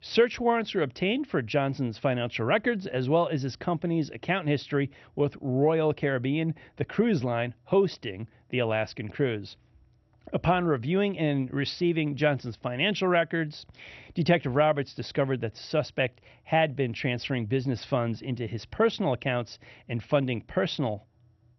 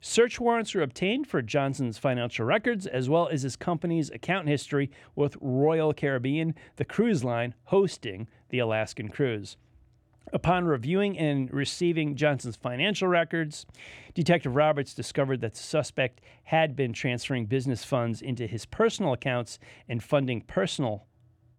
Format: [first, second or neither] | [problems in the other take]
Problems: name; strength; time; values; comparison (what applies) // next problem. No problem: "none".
second | garbled, watery; slightly; nothing above 6 kHz